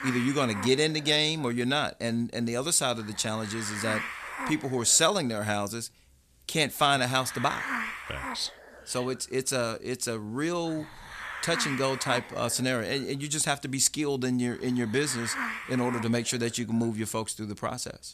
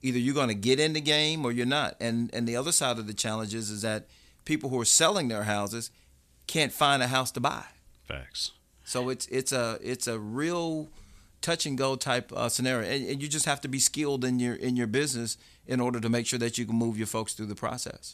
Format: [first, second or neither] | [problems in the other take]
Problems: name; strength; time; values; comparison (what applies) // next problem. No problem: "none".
second | hiss; loud; throughout; 8 dB below the speech